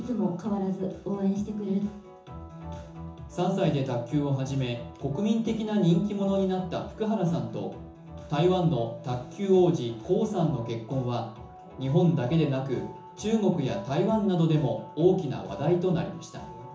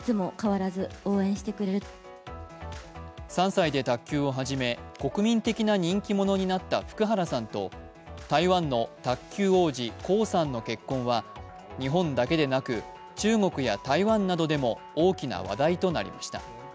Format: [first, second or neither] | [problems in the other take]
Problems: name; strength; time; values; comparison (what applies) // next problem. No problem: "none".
second | room echo; dies away in 0.7 s